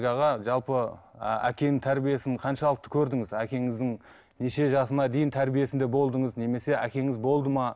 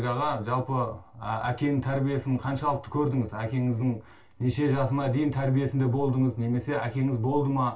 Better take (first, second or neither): first